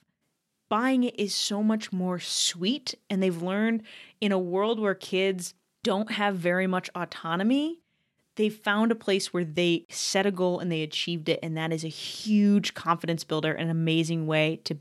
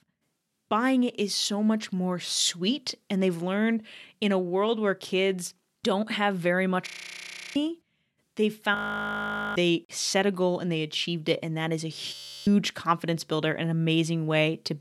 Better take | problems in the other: first | audio freezing; at 7 s for 0.5 s, at 9 s for 1 s and at 12 s

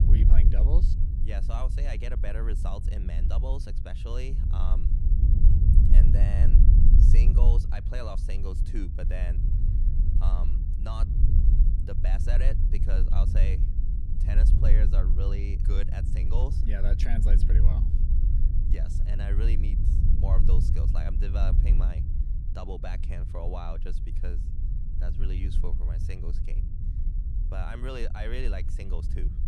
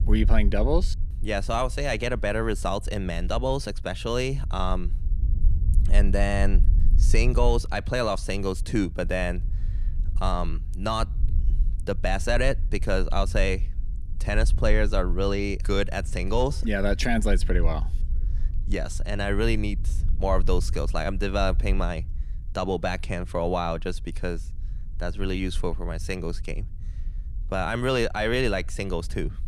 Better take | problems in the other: second | low rumble; loud; throughout; 3 dB below the speech; faint in the second

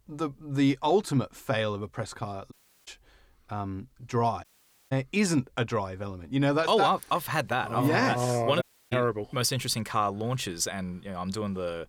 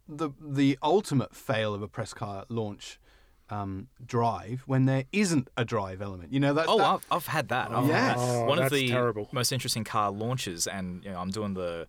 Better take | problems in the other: second | audio cutting out; at 2.5 s, at 4.5 s and at 8.5 s

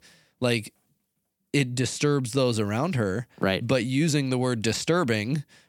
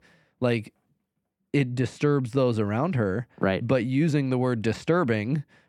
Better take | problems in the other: first | muffled; slightly; fading above 3 kHz

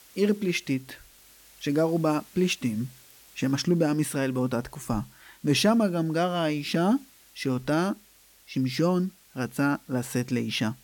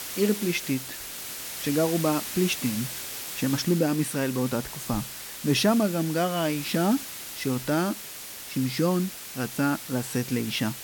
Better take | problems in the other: first | hiss; loud; throughout; 8 dB below the speech; faint in the first

